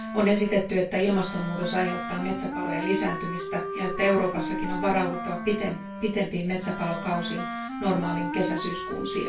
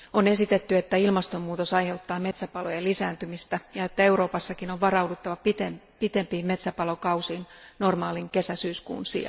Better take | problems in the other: second | background sound (Wind instrument, woodwind instrument); 6 dB below the speech // room echo; dies away in 0.2 s

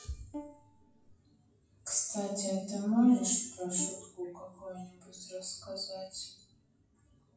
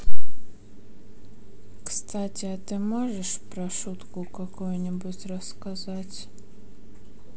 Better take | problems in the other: second | noise reduction (classical method WPE with log-MMSE)

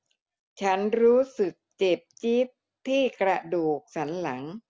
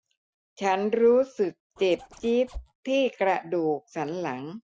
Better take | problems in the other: first | noise reduction (classical method Wiener filter)

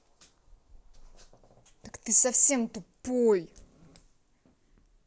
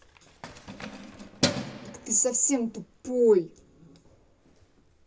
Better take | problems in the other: first | background sound (Keys jangling); 8 dB below the speech // room echo; dies away in 0.2 s

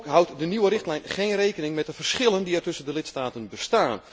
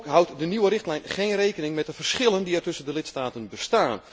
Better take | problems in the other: second | background sound (Tap); 16 dB below the speech

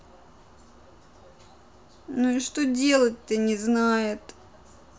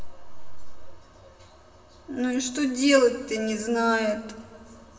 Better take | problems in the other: first | room echo; dies away in 2.1 s

